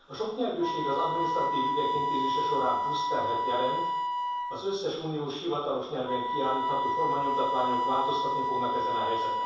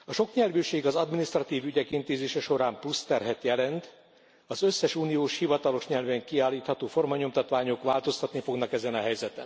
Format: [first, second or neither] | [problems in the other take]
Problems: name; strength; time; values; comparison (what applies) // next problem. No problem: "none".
second | background sound (Wind instrument, woodwind instrument); 2 dB above the speech // room echo; dies away in 0.7 s